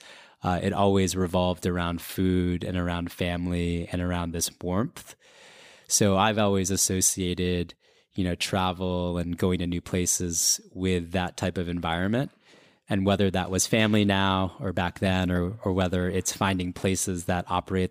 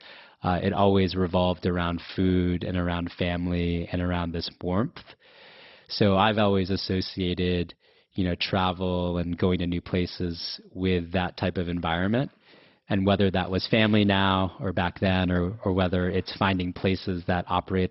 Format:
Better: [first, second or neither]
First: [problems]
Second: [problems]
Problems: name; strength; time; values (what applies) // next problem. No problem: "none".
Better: first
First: none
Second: garbled, watery; badly; nothing above 5.5 kHz